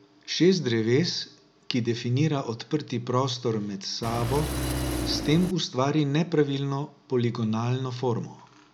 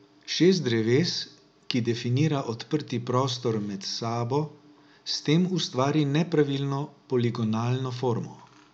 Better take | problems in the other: second | background sound (Engine); 3 dB below the speech

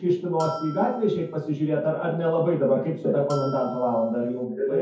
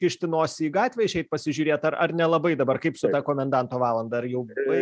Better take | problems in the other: second | background sound (Bell); 15 dB below the speech // room echo; dies away in 0.6 s

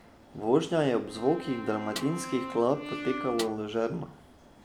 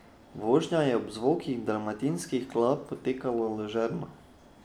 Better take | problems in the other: second | background sound (Snare drum + Brass instrument); 10 dB below the speech

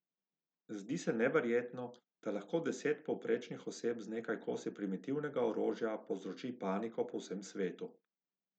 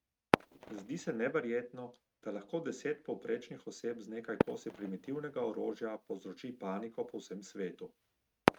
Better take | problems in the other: first | noise reduction (neural mask model RNNoise)

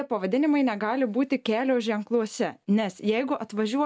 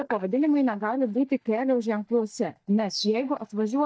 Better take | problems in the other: first | noise reduction (neural mask model DeepFilterNet 3)

